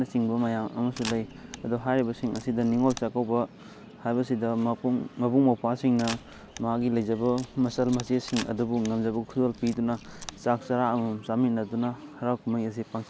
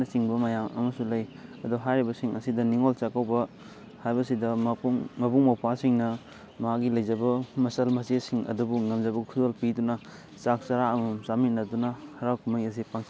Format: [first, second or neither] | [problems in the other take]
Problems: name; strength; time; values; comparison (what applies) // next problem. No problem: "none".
second | background sound (Camera); 16 dB below the speech